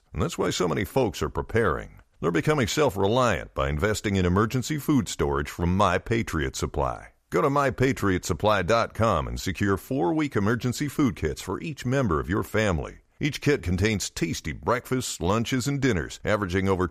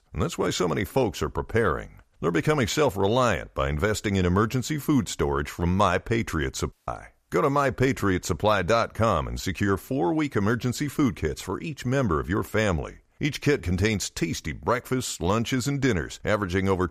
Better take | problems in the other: first | audio cutting out; at 6.5 s

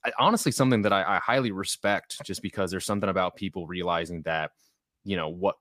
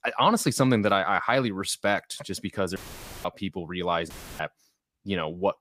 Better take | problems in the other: first | audio cutting out; filled with static; at 3 s and at 4 s

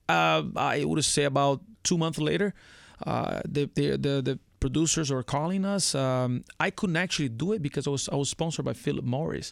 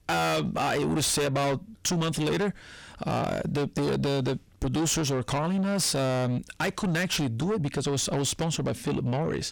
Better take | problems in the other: first | distortion; heavy; 7 dB below the speech

